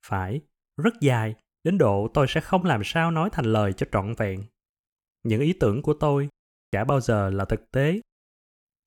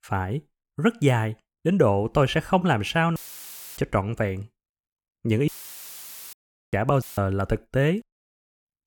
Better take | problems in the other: first | audio cutting out; filled with static; at 3 s for 0.5 s, at 5.5 s for 1 s and at 7 s

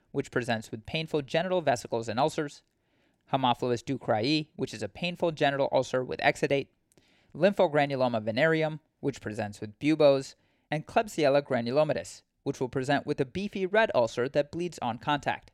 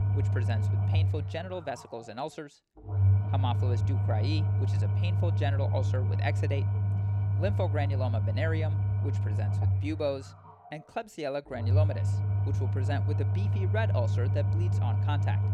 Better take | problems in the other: first | low rumble; loud; throughout; 5 dB below the speech

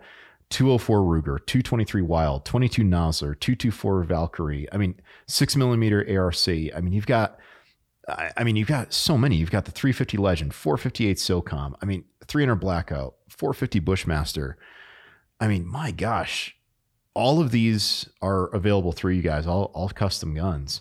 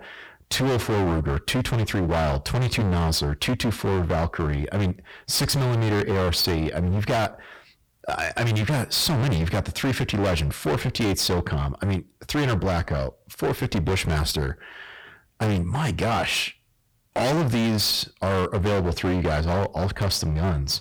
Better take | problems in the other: first | distortion; heavy; 29% of the sound clipped

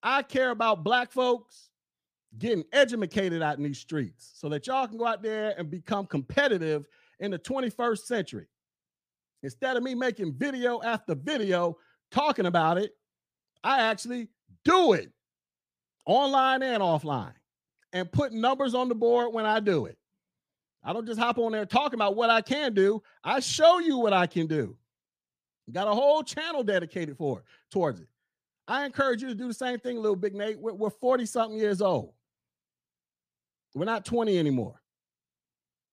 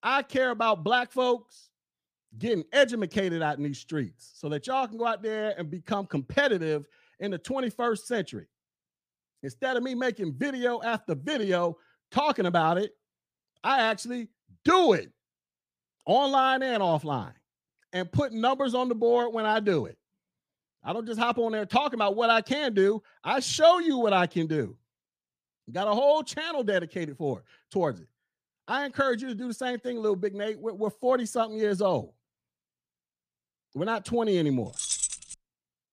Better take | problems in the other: first | jangling keys; noticeable; at 35 s; peak level with the speech

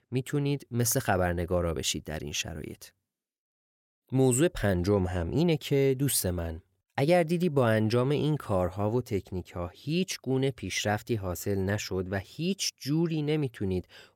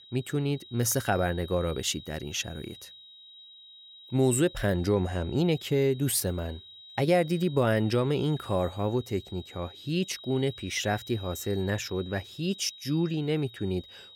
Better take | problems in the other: first | high-pitched whine; noticeable; throughout; 4 kHz, 15 dB below the speech

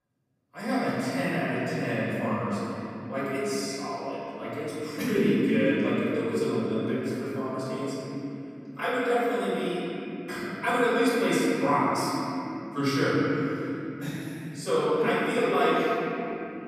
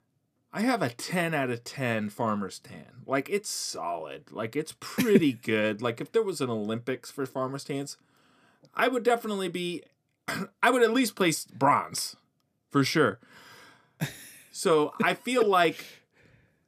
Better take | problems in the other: second | off-mic speech; far // room echo; strong; dies away in 3 s

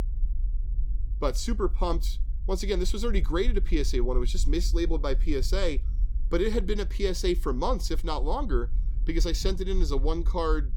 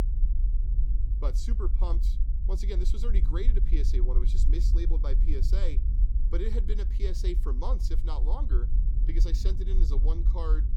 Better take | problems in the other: first | low rumble; loud; throughout; 8 dB below the speech; faint in the first

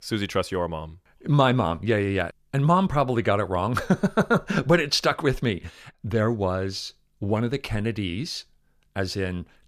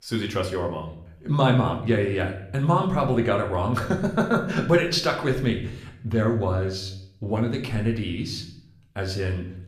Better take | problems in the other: first | room echo; slight; dies away in 0.6 s // off-mic speech; somewhat distant

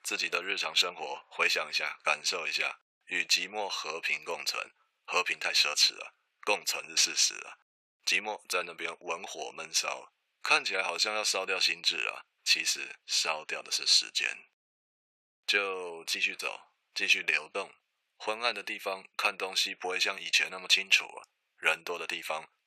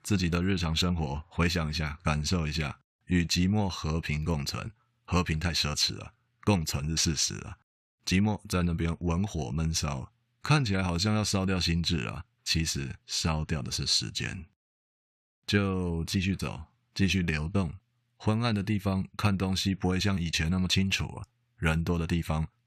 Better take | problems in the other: second | thin; very; fading below 500 Hz

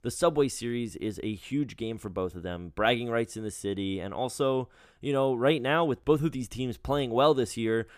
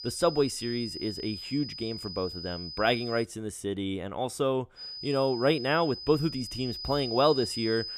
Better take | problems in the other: first | high-pitched whine; loud; until 3 s and from 5 s on; 5 kHz, 8 dB below the speech

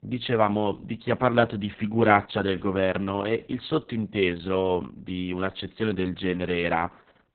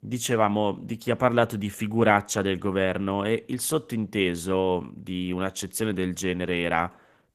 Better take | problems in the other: second | garbled, watery; badly; nothing above 4 kHz; slightly in the second

